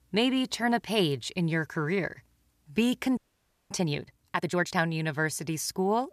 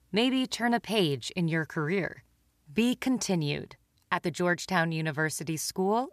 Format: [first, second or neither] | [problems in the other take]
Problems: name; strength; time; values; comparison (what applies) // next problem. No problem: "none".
second | audio freezing; at 3 s for 0.5 s